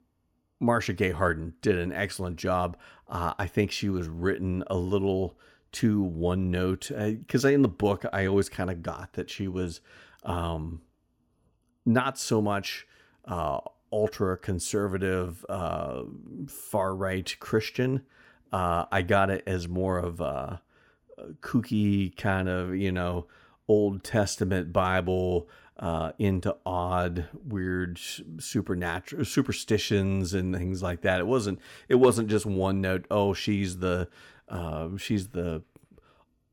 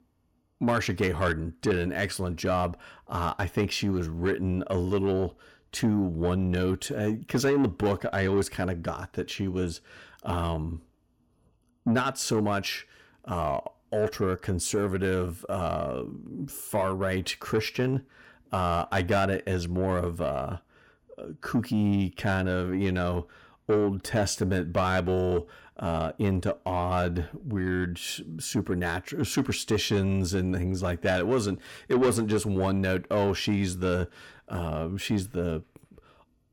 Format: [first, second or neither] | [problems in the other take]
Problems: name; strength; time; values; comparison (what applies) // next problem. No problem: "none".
first | distortion; slight; 10 dB below the speech